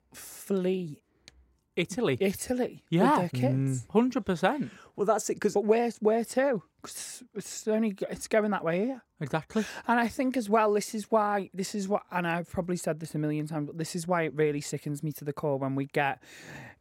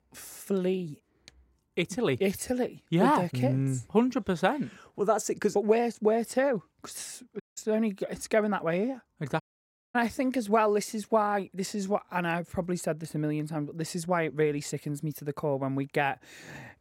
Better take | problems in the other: first | audio cutting out; at 7.5 s and at 9.5 s for 0.5 s

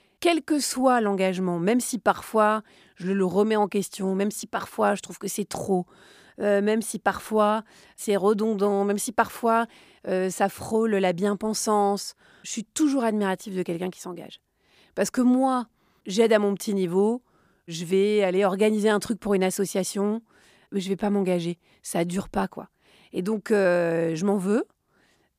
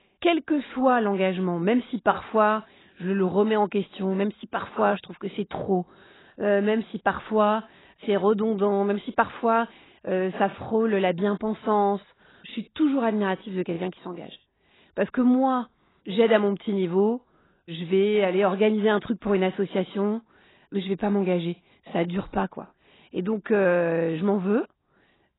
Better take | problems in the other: first | garbled, watery; badly; nothing above 4 kHz

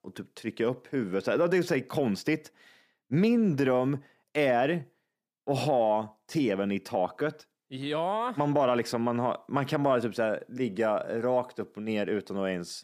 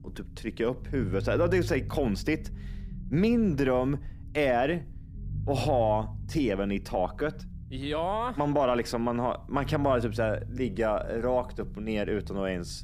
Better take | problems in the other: first | low rumble; faint; throughout; 25 dB below the speech

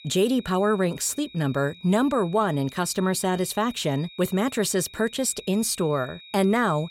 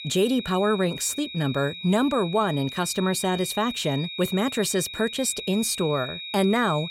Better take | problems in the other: first | high-pitched whine; loud; throughout; 4 kHz, 9 dB below the speech; faint in the first

